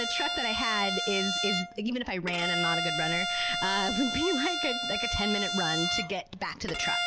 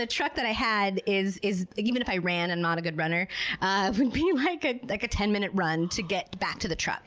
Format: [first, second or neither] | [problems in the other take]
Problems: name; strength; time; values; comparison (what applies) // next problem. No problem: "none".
second | background sound (Bowed string instrument); as loud as the speech